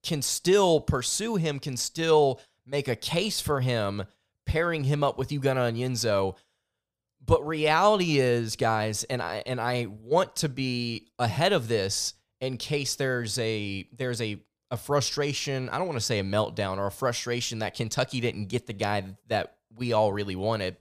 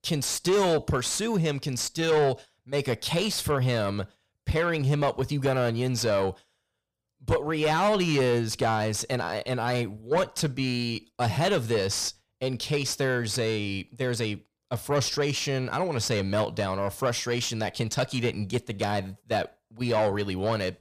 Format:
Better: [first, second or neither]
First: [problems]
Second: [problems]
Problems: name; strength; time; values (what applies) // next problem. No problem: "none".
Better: first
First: none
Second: distortion; slight; 10 dB below the speech